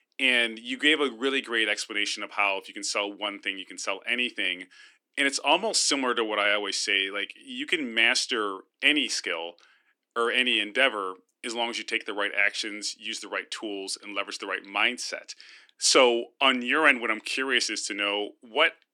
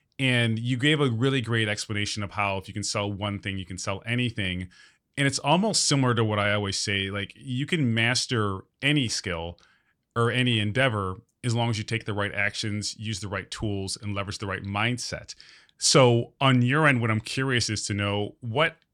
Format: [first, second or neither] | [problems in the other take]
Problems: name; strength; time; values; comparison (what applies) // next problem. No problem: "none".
second | thin; somewhat; fading below 300 Hz